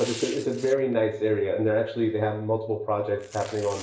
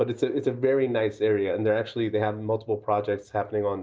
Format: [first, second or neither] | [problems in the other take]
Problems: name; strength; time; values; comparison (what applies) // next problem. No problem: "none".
second | background sound (Tearing); 19 dB below the speech // room echo; dies away in 0.7 s